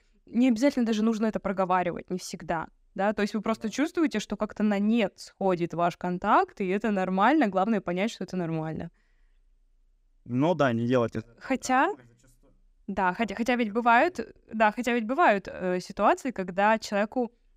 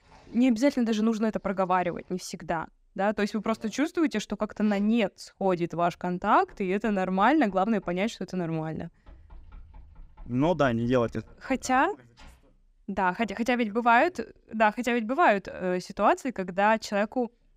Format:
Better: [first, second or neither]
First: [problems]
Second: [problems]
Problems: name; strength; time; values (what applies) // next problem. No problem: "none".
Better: first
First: none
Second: household noises; faint; throughout; 30 dB below the speech